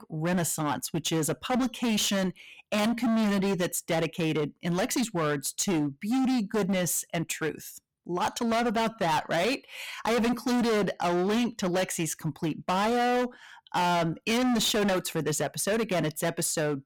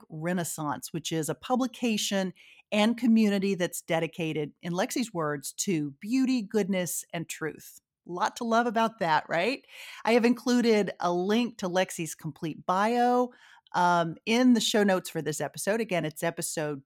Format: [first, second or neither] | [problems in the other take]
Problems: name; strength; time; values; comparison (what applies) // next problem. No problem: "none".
second | distortion; heavy; 24% of the sound clipped